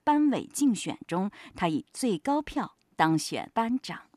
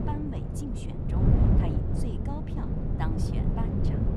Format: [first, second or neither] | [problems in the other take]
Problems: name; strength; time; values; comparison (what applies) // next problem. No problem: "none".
first | wind noise on the microphone; heavy; 5 dB above the speech